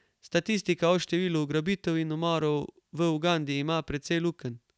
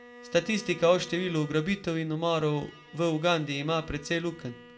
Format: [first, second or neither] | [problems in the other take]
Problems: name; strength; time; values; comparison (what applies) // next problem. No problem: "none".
first | background sound (Bowed string instrument); 20 dB below the speech // room echo; dies away in 0.3 s